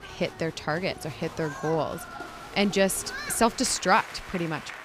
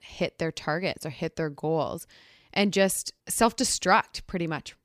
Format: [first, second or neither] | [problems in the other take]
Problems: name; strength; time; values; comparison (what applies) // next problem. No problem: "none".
second | crowd noise; noticeable; throughout; 10 dB below the speech